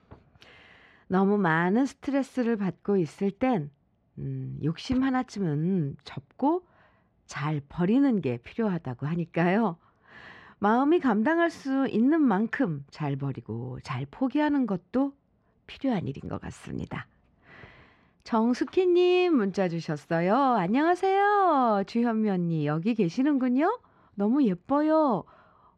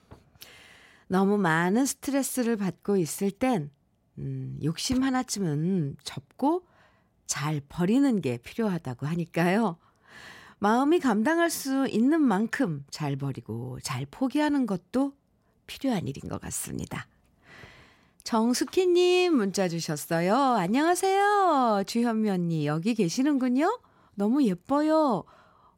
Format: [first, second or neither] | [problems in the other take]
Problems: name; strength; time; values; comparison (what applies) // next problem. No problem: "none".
second | muffled; slightly; fading above 3 kHz